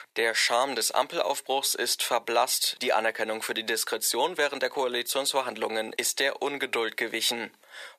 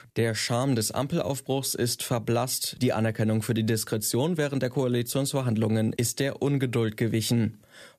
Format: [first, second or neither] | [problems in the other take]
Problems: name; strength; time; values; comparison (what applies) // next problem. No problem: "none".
second | thin; very; fading below 450 Hz